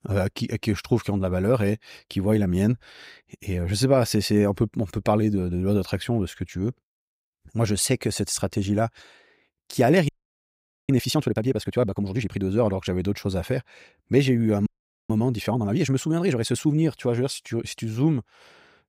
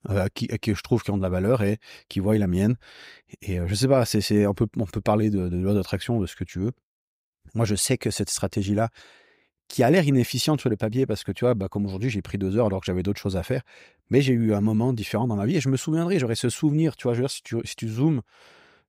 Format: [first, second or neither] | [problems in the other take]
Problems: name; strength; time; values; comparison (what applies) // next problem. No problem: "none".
second | audio freezing; at 10 s for 1 s and at 15 s